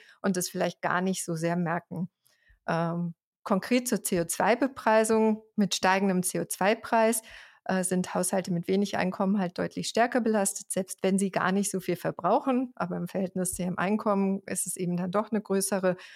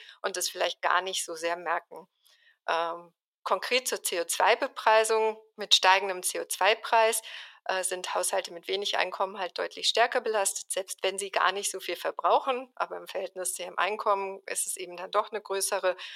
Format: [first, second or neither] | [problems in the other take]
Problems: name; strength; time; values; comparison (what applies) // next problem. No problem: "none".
first | thin; very; fading below 450 Hz